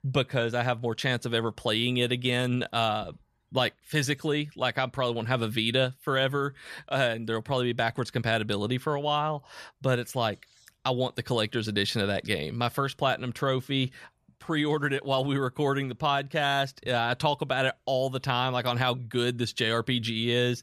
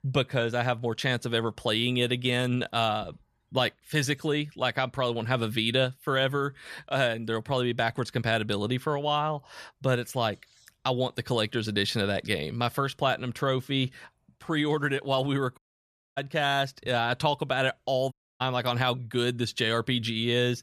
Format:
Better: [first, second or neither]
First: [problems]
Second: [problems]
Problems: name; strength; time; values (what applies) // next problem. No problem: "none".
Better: first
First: none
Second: audio cutting out; at 16 s for 0.5 s and at 18 s